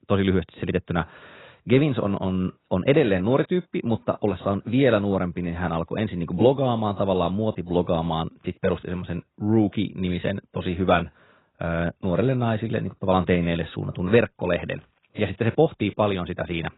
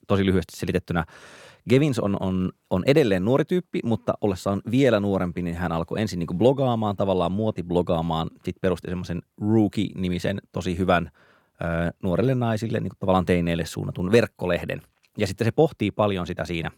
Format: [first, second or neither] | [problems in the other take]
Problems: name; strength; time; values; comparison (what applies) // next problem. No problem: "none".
second | garbled, watery; badly; nothing above 4 kHz